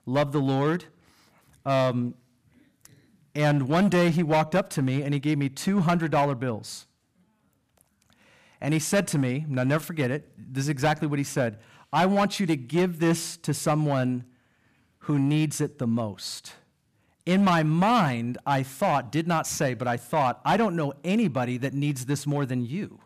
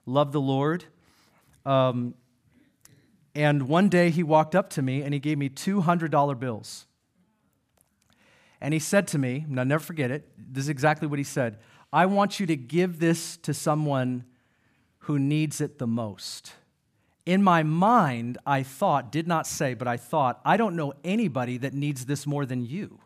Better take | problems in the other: second | distortion; slight; 5% of the sound clipped

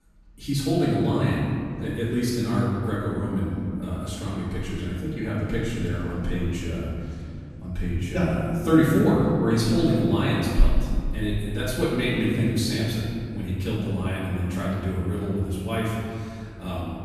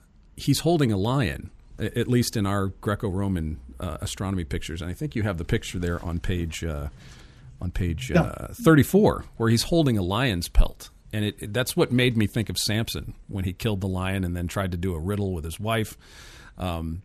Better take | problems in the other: second | off-mic speech; far // room echo; strong; dies away in 2.3 s

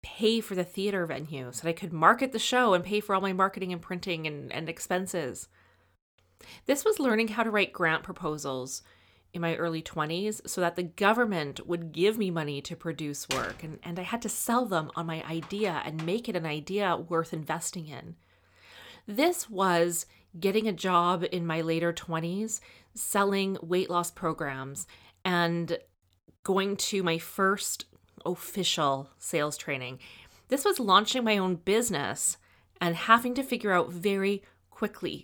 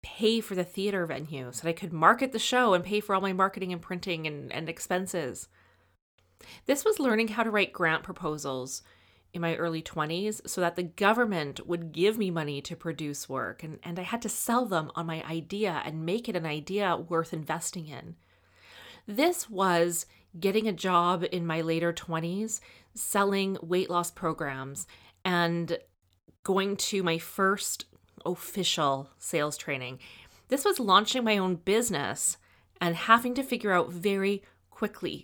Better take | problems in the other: second | door banging; noticeable; from 13 to 16 s; peak 6 dB below the speech

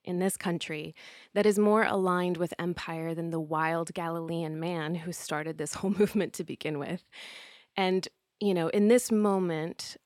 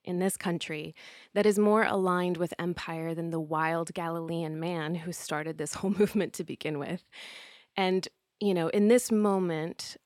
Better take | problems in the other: neither | none

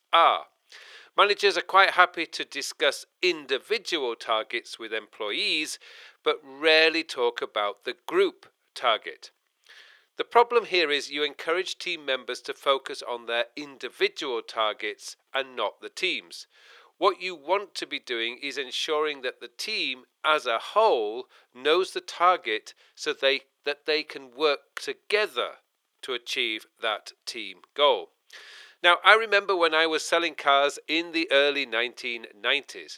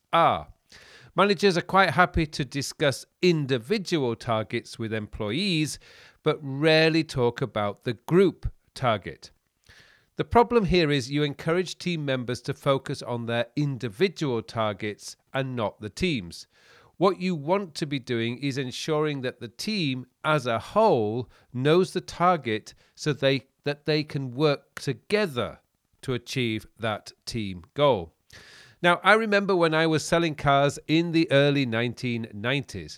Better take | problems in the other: second | thin; very; fading below 400 Hz

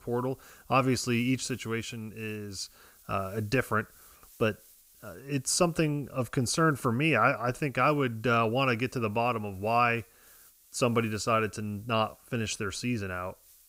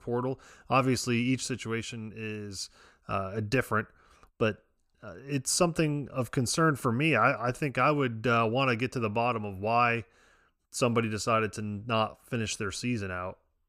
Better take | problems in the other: second | hiss; faint; throughout; 25 dB below the speech

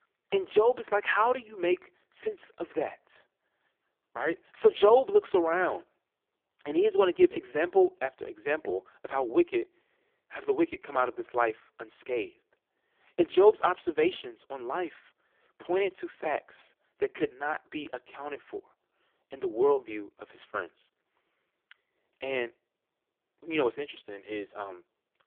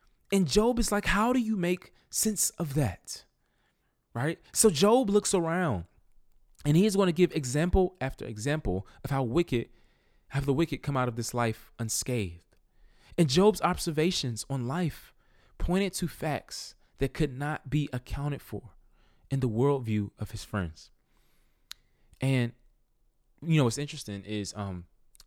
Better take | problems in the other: second | phone-call audio; poor line; nothing above 3.5 kHz

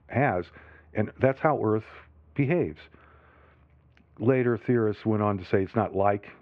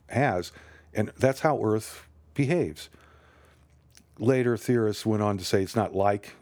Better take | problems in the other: second | muffled; very; fading above 2.5 kHz

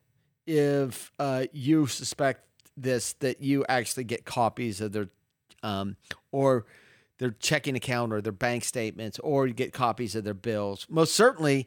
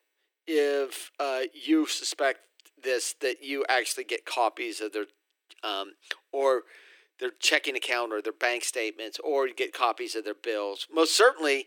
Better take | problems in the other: first | thin; very; fading below 300 Hz

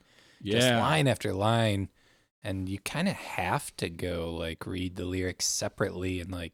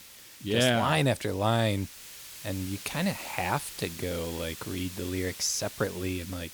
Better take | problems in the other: first | hiss; noticeable; throughout; 15 dB below the speech

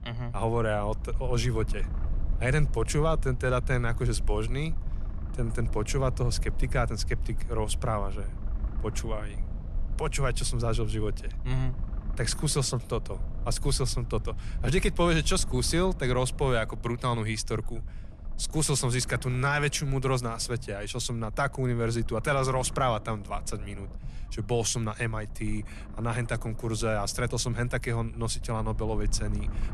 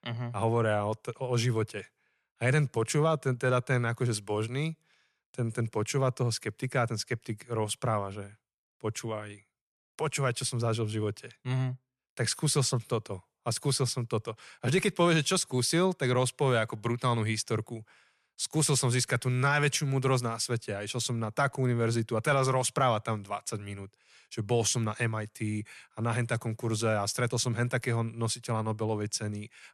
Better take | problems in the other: second | low rumble; faint; throughout; 20 dB below the speech

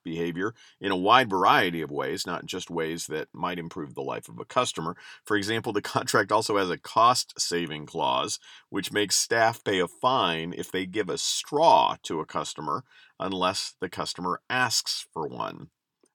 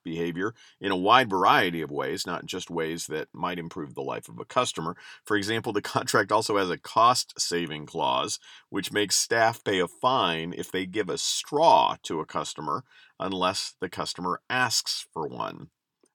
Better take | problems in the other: neither | none

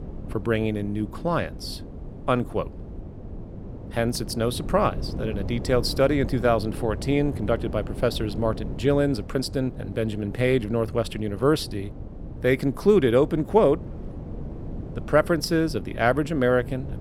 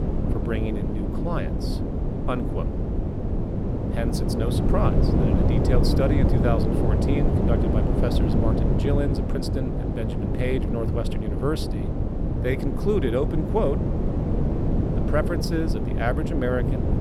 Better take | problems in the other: first | wind noise on the microphone; heavy; 1 dB below the speech; occasional gusts in the first

